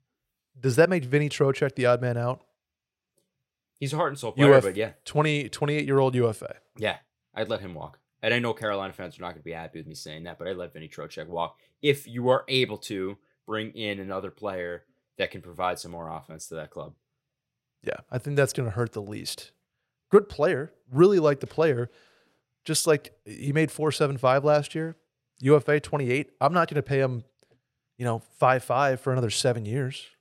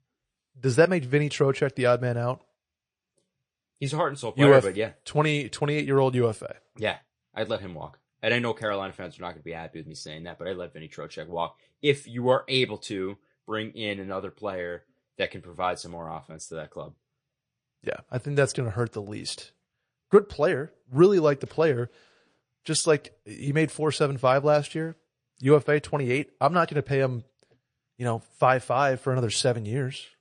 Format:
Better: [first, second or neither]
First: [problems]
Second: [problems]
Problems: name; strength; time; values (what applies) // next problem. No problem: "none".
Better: first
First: none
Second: garbled, watery; slightly; nothing above 9.5 kHz